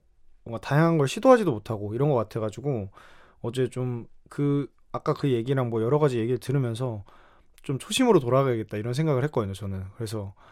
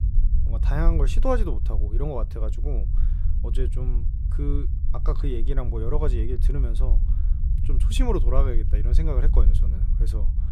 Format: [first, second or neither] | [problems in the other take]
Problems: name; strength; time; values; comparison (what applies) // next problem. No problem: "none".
first | low rumble; noticeable; throughout; 10 dB below the speech